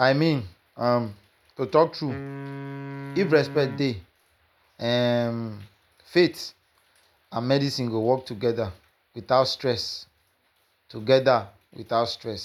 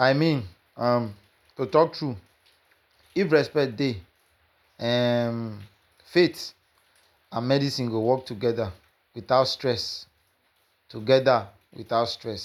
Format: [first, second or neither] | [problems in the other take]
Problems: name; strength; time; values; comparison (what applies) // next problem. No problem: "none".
second | background sound (Wind instrument, woodwind instrument); 12 dB below the speech